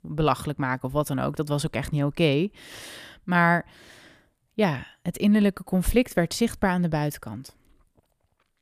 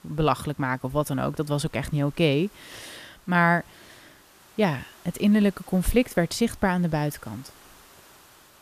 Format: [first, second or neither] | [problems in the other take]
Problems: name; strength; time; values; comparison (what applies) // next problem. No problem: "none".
first | hiss; faint; throughout; 25 dB below the speech